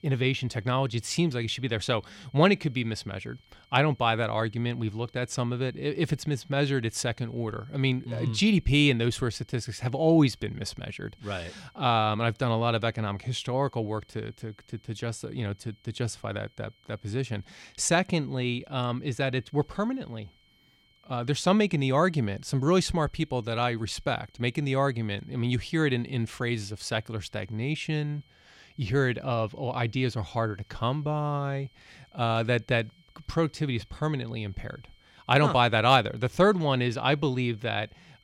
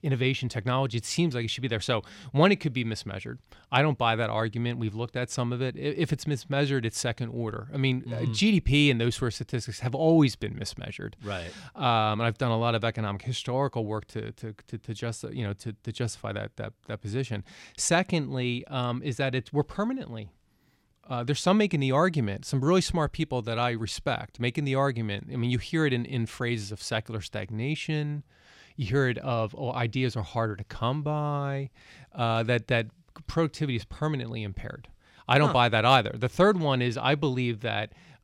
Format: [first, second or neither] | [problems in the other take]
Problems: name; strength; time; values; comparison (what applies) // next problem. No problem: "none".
second | high-pitched whine; faint; throughout; 3 kHz, 35 dB below the speech